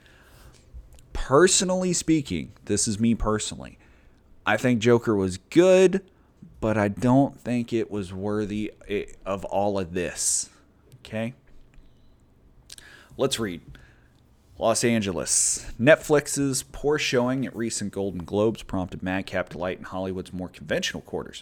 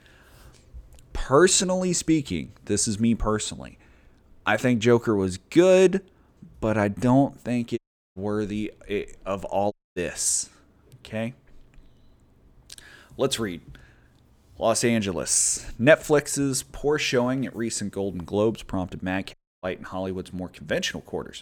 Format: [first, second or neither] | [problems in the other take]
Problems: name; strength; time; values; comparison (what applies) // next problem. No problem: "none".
first | audio cutting out; at 8 s, at 9.5 s and at 19 s